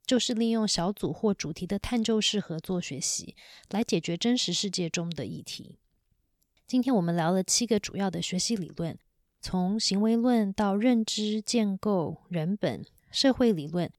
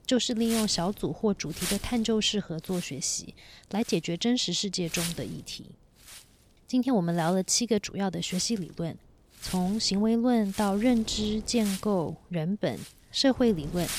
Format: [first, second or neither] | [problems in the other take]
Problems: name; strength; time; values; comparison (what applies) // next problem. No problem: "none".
first | wind noise on the microphone; occasional gusts; 10 dB below the speech